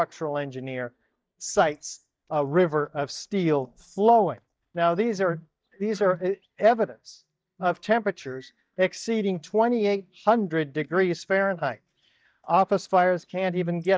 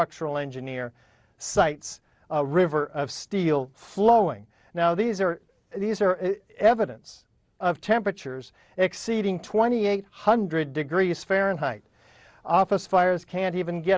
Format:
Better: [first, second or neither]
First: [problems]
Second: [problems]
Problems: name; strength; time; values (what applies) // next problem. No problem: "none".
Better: second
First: noise reduction (neural mask model DeepFilterNet 3)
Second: none